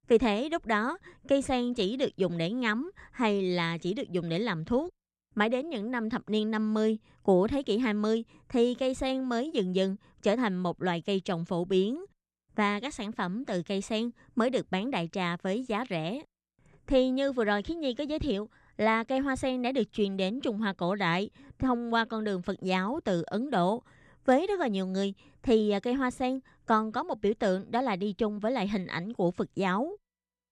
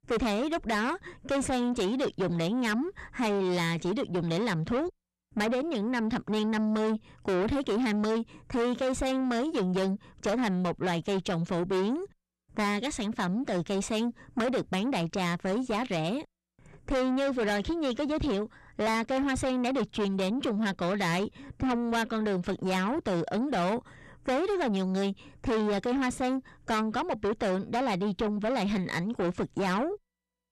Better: first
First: none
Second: distortion; heavy; 6 dB below the speech

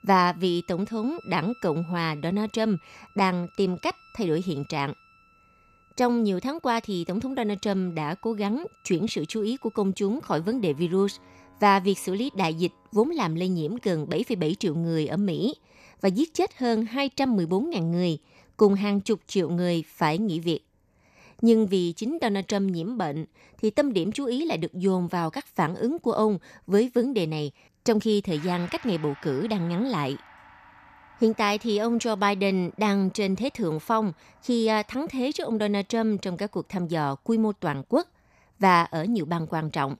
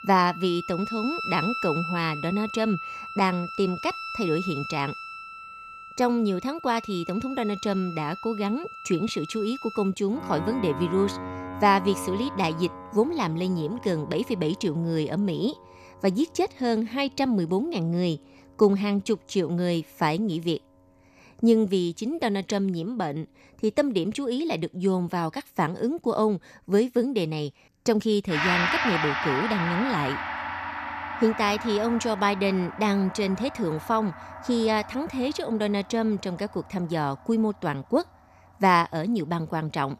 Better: first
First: background music; faint; throughout; 25 dB below the speech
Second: background music; loud; throughout; 7 dB below the speech

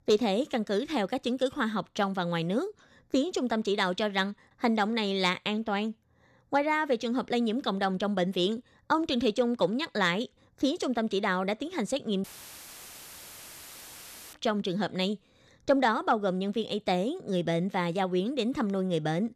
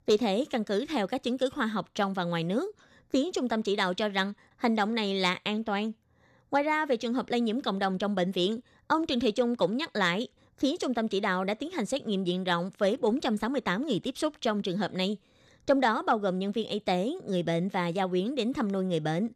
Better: second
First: audio cutting out; filled with static; at 12 s for 2 s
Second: none

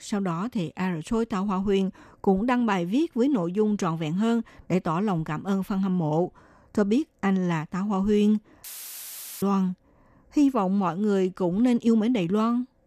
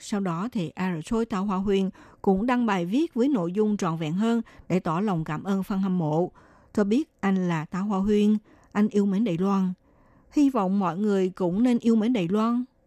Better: second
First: audio cutting out; filled with static; at 8.5 s for 1 s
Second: none

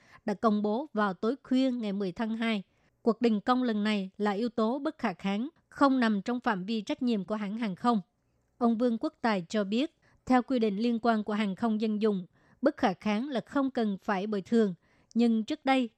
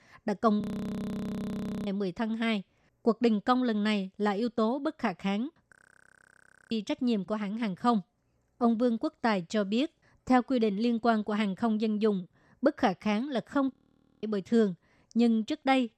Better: first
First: none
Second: audio freezing; at 0.5 s for 1.5 s, at 5.5 s for 1 s and at 14 s for 0.5 s

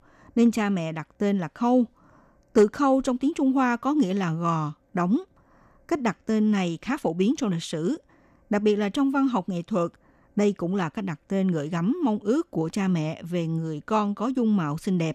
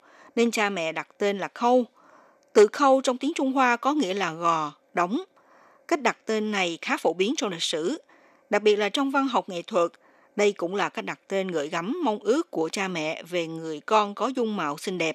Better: first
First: none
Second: thin; somewhat; fading below 450 Hz

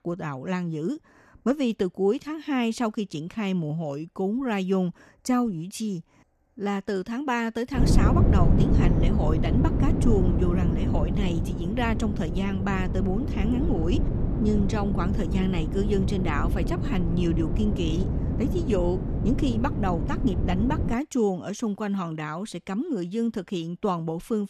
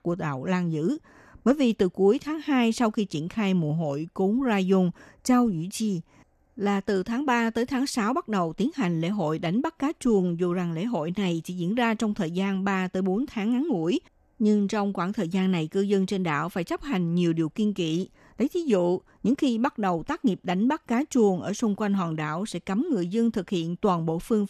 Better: second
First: wind noise on the microphone; heavy; from 8 to 21 s; 4 dB below the speech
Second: none

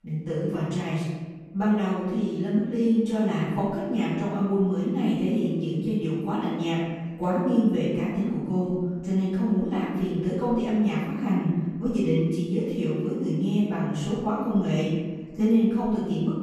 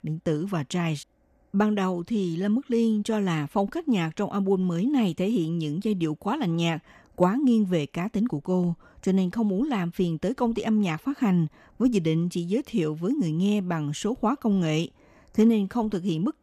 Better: second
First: off-mic speech; far // room echo; strong; dies away in 1.3 s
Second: none

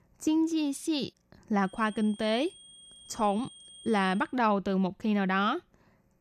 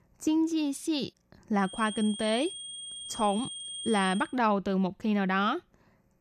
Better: first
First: high-pitched whine; faint; from 1.5 to 4 s; 3.5 kHz, 20 dB below the speech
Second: high-pitched whine; loud; from 1.5 to 4 s; 3.5 kHz, 9 dB below the speech

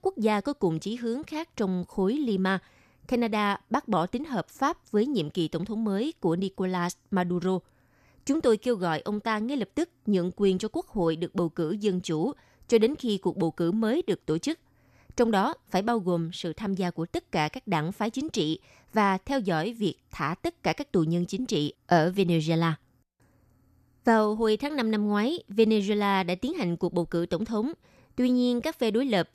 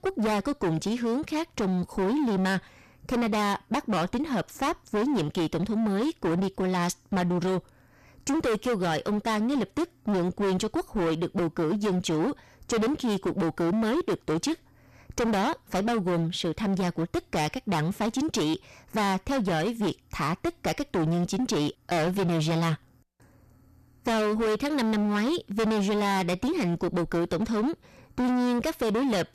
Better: first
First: none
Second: distortion; heavy; 28% of the sound clipped

